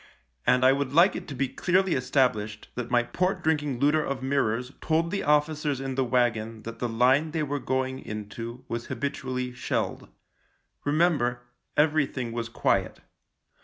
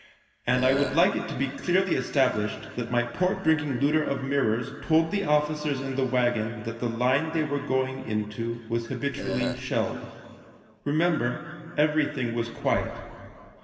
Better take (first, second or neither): first